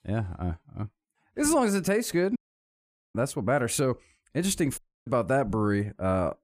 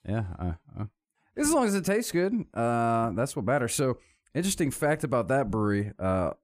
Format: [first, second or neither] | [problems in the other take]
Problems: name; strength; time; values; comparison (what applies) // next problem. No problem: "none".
second | audio cutting out; at 2.5 s for 1 s and at 5 s